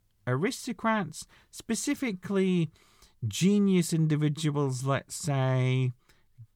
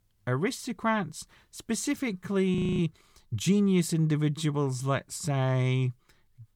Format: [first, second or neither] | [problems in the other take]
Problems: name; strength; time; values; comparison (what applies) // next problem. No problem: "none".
first | audio freezing; at 2.5 s